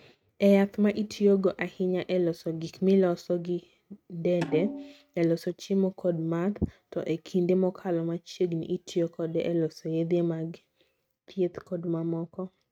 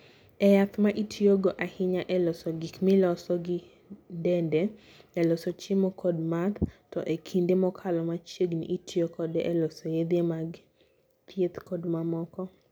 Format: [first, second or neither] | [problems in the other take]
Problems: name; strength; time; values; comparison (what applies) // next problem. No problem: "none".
second | noise reduction (neural mask model RNNoise)